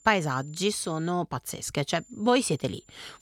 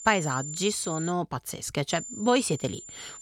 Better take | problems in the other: first | high-pitched whine; loud; until 1 s and from 2 s on; 7 kHz, 9 dB below the speech; faint in the first

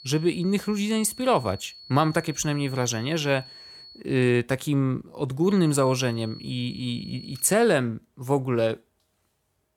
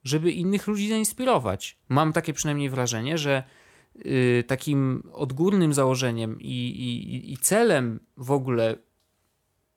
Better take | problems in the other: second | high-pitched whine; noticeable; until 4 s and from 5.5 to 7.5 s; 4.5 kHz, 20 dB below the speech

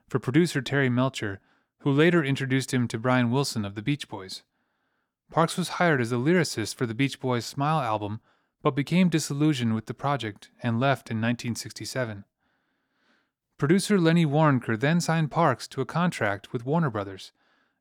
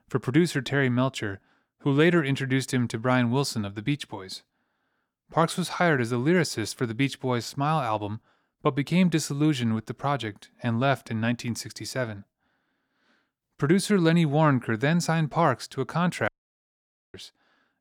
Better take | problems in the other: first | audio cutting out; at 16 s for 1 s

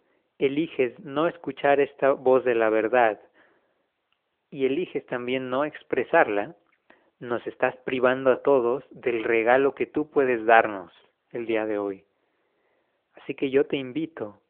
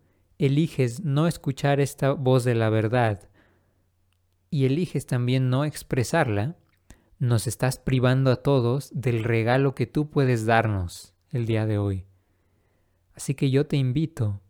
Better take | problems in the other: second | phone-call audio

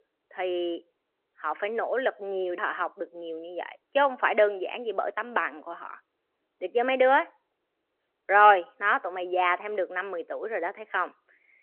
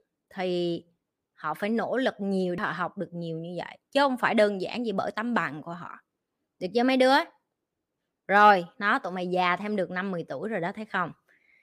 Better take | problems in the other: second | phone-call audio

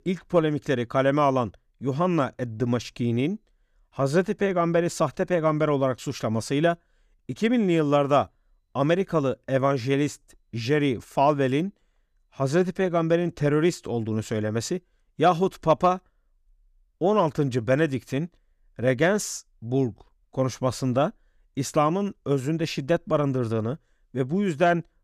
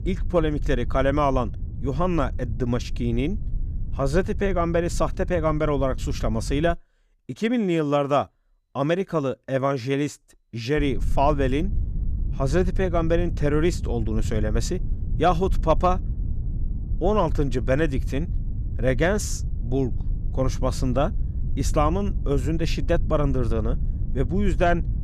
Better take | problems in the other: first | low rumble; faint; until 6.5 s and from 11 s on; 20 dB below the speech

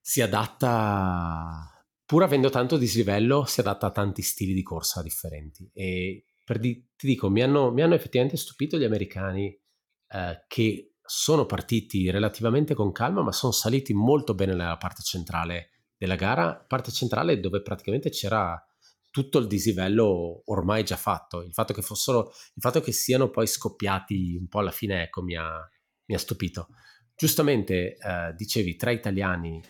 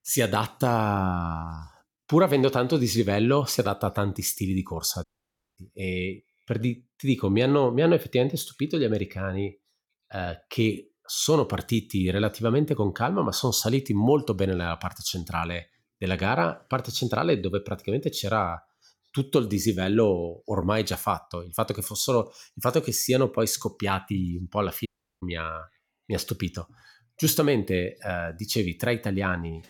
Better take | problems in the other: first | audio cutting out; at 5 s for 0.5 s and at 25 s

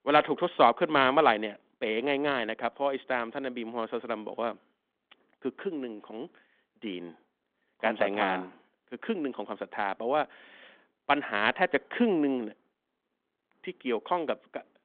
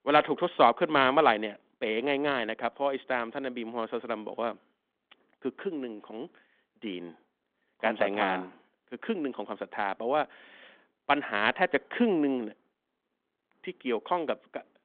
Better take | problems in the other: neither | phone-call audio; the same in both

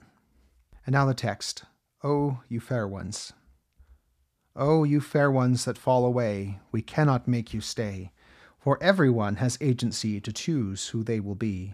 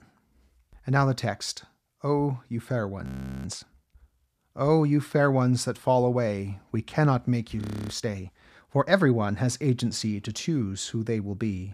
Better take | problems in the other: first | audio freezing; at 3 s and at 7.5 s

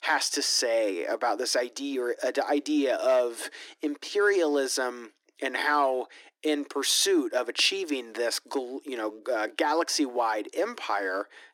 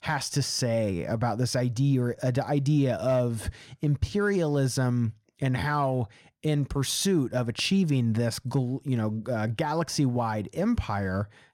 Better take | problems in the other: second | thin; somewhat; fading below 300 Hz

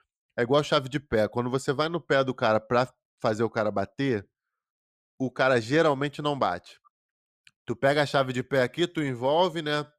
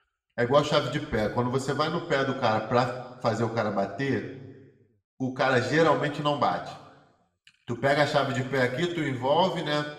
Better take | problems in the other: first | room echo; slight; dies away in 0.9 s // off-mic speech; somewhat distant

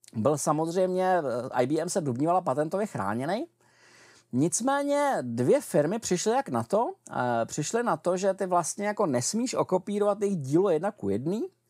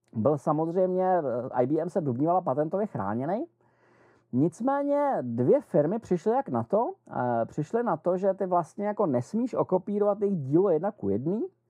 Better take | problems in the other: first | muffled; very; fading above 2 kHz

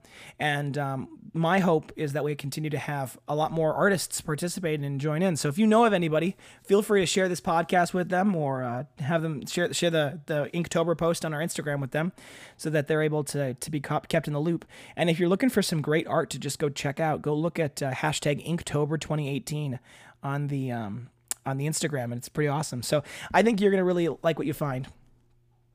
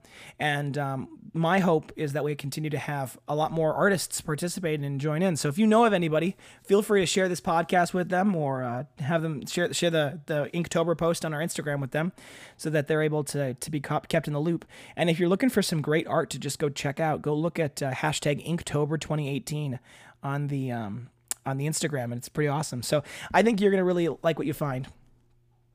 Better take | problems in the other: neither | none

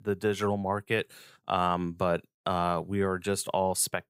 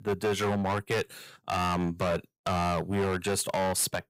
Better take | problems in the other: first | distortion; heavy; 17% of the sound clipped

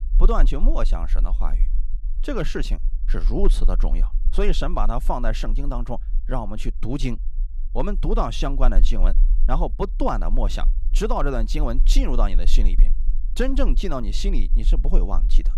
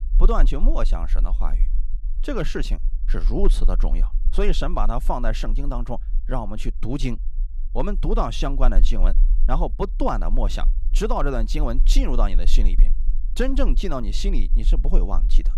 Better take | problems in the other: neither | low rumble; faint; throughout; 20 dB below the speech; the same in both

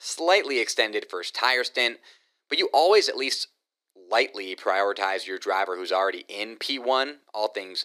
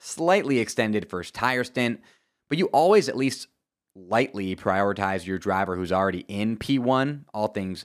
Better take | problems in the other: second | thin; very; fading below 350 Hz

